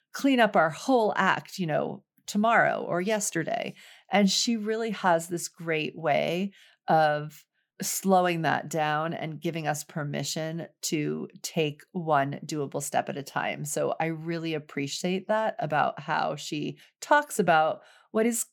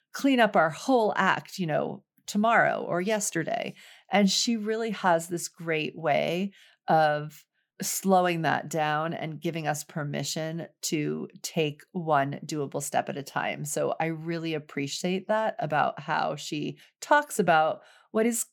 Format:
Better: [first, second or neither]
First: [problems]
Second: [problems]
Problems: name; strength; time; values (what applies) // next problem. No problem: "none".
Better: neither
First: none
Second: none